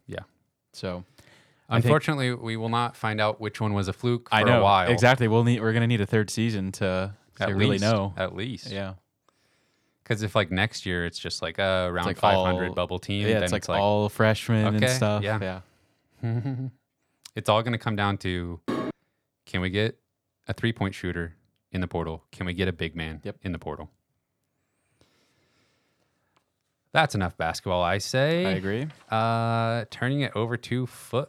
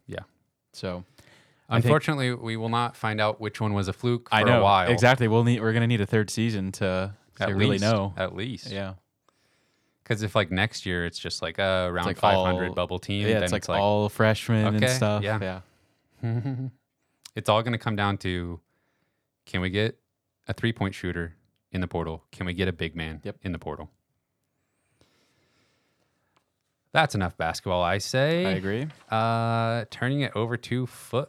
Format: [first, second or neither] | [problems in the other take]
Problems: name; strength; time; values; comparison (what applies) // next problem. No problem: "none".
second | clattering dishes; noticeable; at 19 s; peak 5 dB below the speech